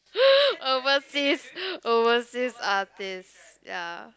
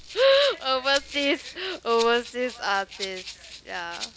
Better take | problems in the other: first | background sound (Rattle (instrument)); 15 dB below the speech

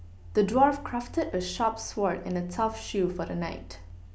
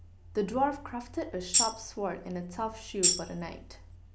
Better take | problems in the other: first | background sound (Tambourine); 4 dB above the speech

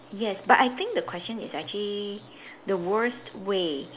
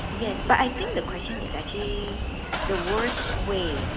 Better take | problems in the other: first | background sound (Engine starting / Car); 1 dB below the speech

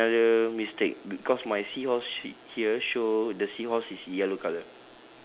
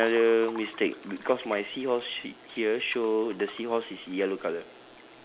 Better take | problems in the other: first | background sound (Liquid); 19 dB below the speech

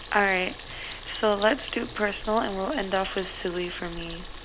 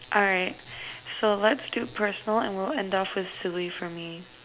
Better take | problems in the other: second | background sound (Idling / Car + Stream); 13 dB below the speech

